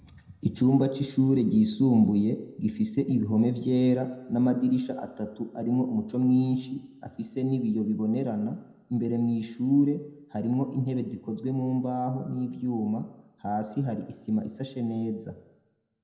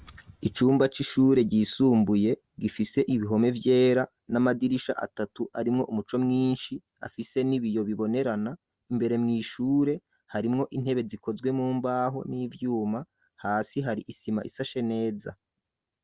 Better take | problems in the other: second | room echo; dies away in 0.7 s

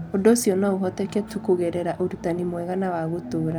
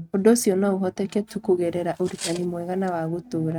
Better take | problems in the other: first | noise reduction (neural mask model RNNoise)

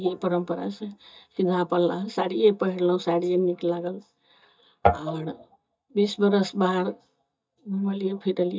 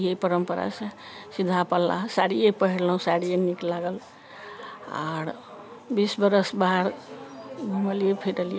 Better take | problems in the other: second | noise reduction (neural mask model DeepFilterNet 3)

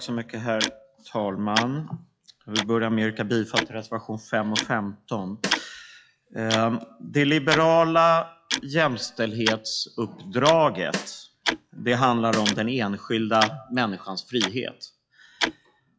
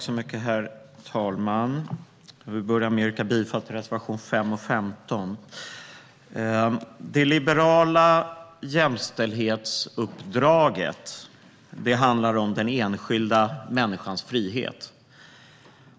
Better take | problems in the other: second | noise reduction (classical method log-MMSE)

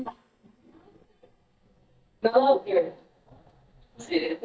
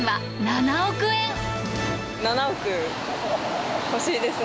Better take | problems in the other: second | noise reduction (neural mask model DeepFilterNet 3)

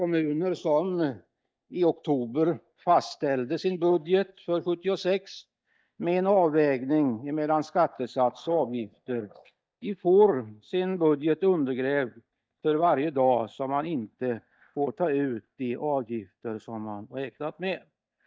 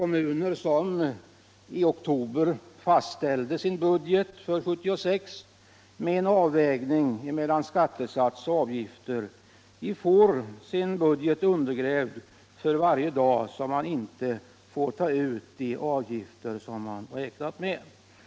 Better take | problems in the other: second | noise reduction (neural mask model DeepFilterNet 3)

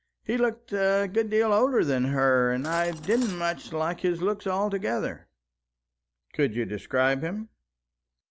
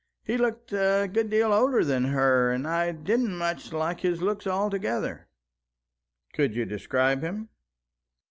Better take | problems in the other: second | background sound (Cutlery, silverware); 18 dB below the speech

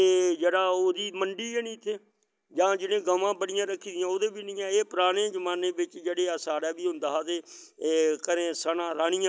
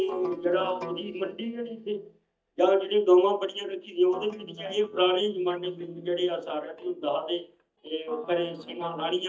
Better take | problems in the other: first | noise reduction (neural mask model DeepFilterNet 3)

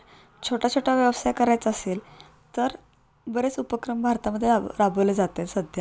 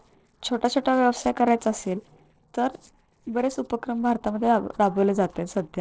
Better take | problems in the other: first | noise reduction (neural separator model SepFormer DNS4)

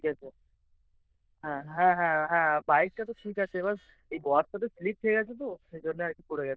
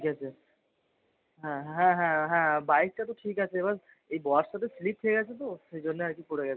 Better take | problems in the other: second | noise reduction (neural diffusion model UNIVERSE++)

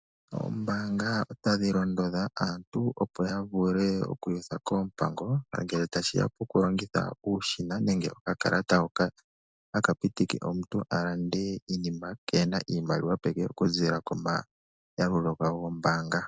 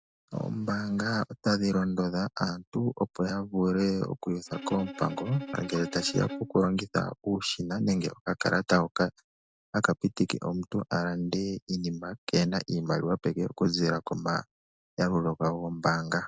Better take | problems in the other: first | background sound (Bowed string instrument); 12 dB below the speech

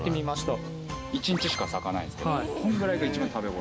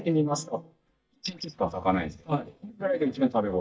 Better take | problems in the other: first | noise reduction (neural mask model DeepFilterNet 3)

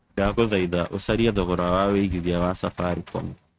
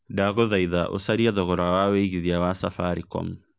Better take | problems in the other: second | noise reduction (neural mask model RNNoise)

